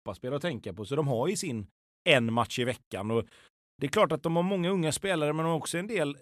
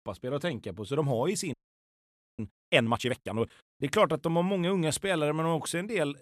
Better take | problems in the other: first | audio freezing; at 1.5 s for 1 s

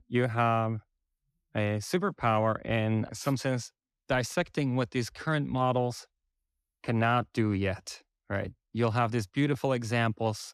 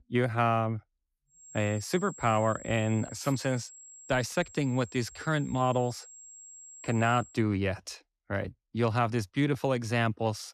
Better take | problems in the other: first | high-pitched whine; noticeable; from 1.5 to 7.5 s; 7.5 kHz, 15 dB below the speech

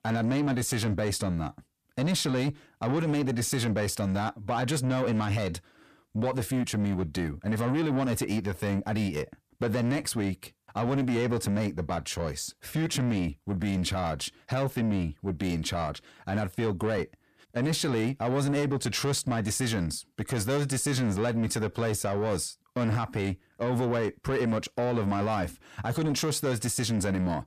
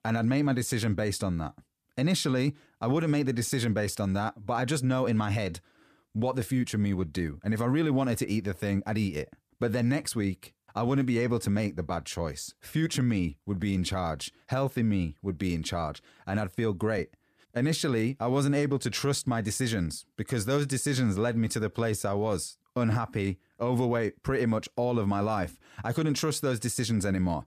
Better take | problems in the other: second | distortion; slight; 10 dB below the speech

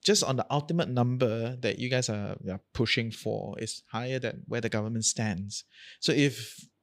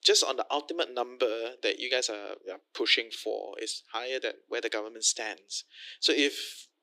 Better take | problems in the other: first | thin; very; fading below 300 Hz

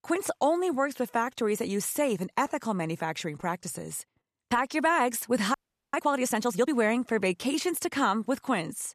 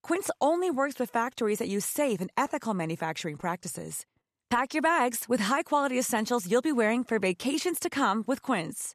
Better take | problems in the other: second | audio freezing; at 5.5 s

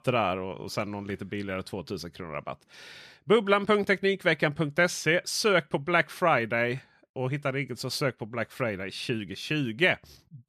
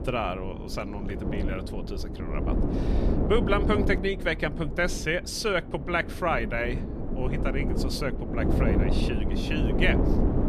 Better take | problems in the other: first | wind noise on the microphone; heavy; 6 dB below the speech

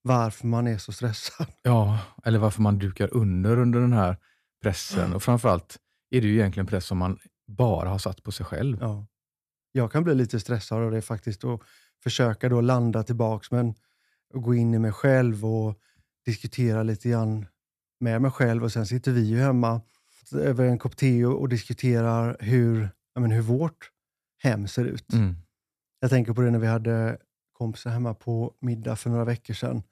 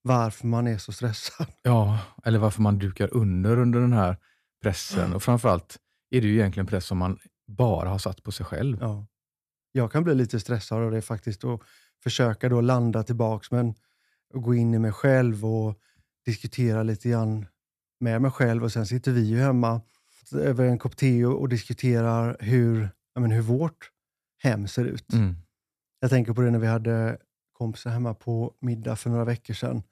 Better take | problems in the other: neither | none

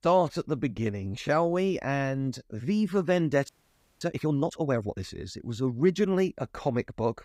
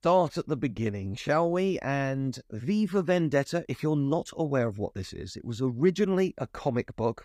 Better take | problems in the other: second | audio freezing; at 3.5 s for 0.5 s

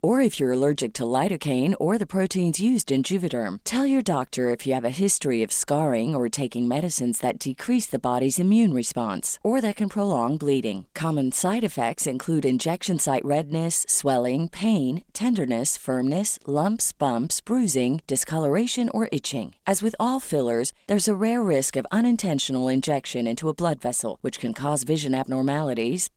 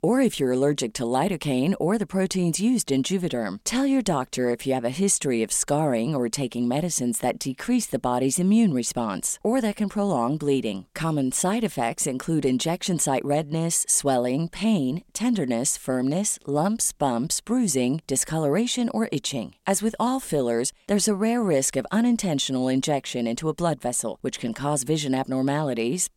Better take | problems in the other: second | garbled, watery; slightly; nothing above 16.5 kHz

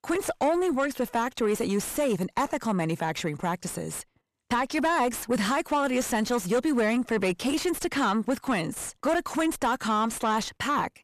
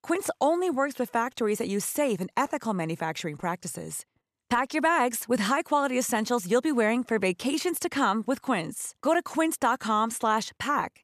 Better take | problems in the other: second | distortion; slight; 9 dB below the speech

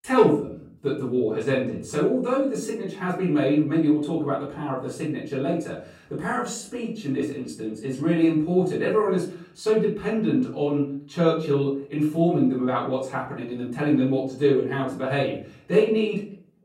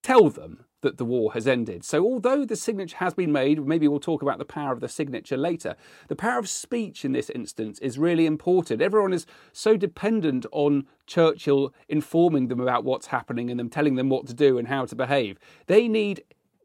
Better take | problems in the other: second | off-mic speech; far // room echo; slight; dies away in 0.5 s

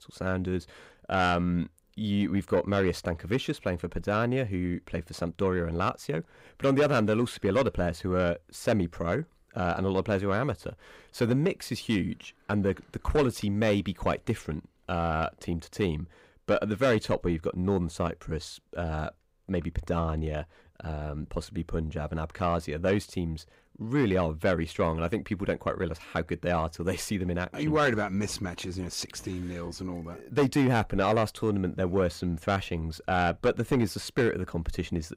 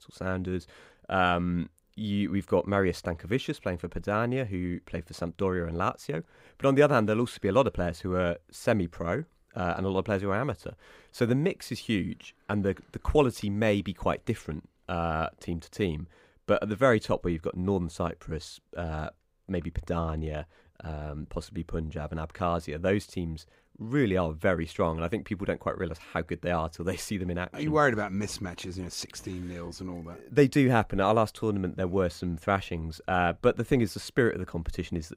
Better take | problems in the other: second | distortion; slight; 10 dB below the speech

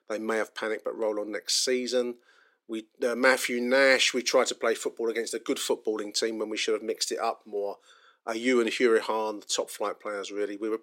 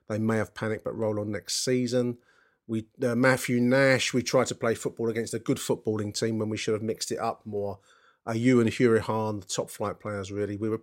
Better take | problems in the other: second | thin; somewhat; fading below 300 Hz

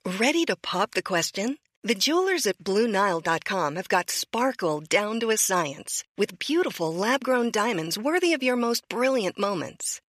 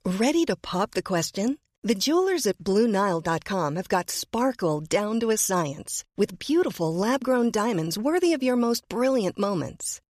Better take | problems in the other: second | thin; very slightly; fading below 300 Hz

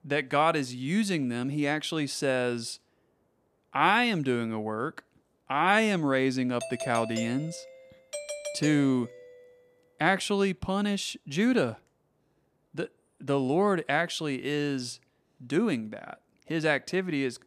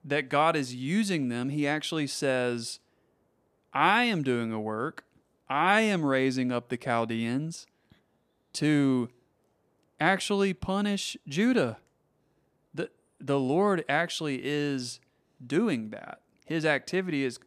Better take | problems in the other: second | doorbell; noticeable; from 6.5 to 9.5 s; peak 8 dB below the speech

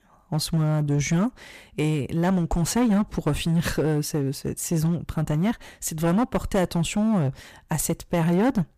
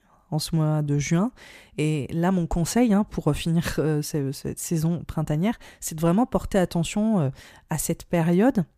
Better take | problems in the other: second | distortion; slight; 9% of the sound clipped

